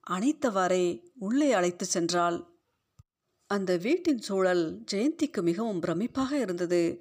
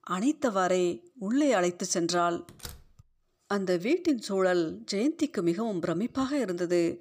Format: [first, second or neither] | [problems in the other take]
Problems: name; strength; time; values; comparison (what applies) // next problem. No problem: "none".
first | door banging; faint; at 2.5 s; peak 15 dB below the speech